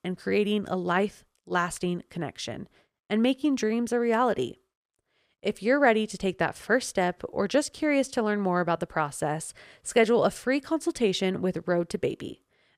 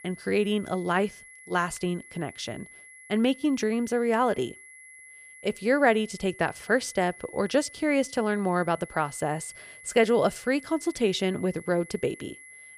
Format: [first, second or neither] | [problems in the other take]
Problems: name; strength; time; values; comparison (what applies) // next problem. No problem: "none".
first | high-pitched whine; noticeable; throughout; 2 kHz, 20 dB below the speech